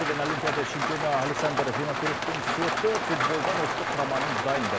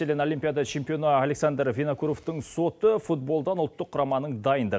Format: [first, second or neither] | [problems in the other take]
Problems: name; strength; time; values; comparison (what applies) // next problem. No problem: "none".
second | background sound (Rain); 2 dB above the speech